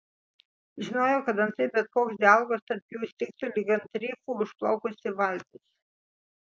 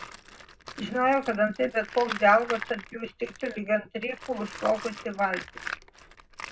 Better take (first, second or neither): first